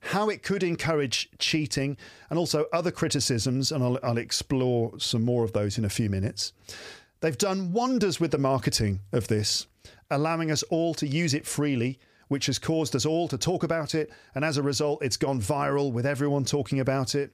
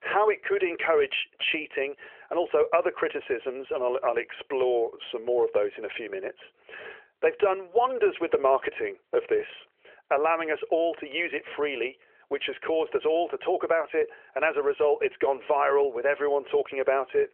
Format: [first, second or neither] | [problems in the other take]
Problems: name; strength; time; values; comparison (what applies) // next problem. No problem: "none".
first | phone-call audio; nothing above 3 kHz